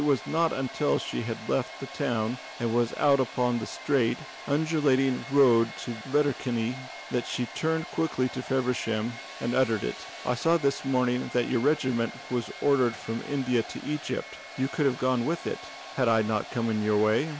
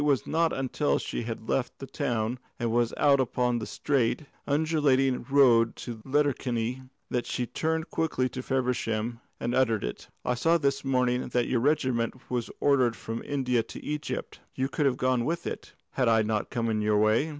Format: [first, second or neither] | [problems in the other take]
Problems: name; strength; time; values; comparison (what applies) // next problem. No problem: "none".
second | background sound (Domestic sounds, home sounds); 15 dB below the speech